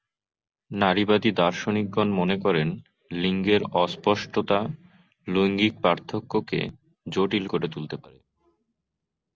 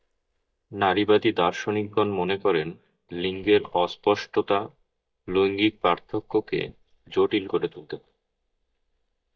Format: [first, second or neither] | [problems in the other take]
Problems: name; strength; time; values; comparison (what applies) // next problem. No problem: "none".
first | noise reduction (neural mask model DeepFilterNet 3)